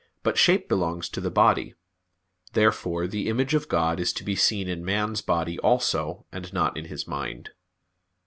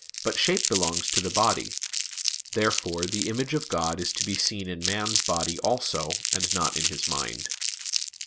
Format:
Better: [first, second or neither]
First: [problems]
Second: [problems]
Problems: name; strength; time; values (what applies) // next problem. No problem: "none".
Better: first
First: none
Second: background sound (Crumpling, crinkling); 1 dB below the speech